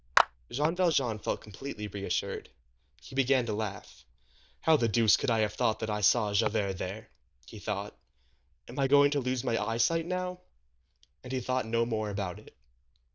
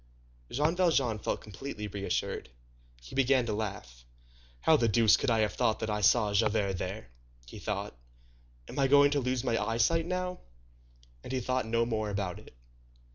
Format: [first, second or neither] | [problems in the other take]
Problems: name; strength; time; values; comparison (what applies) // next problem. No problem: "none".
second | noise reduction (neural diffusion model UNIVERSE++)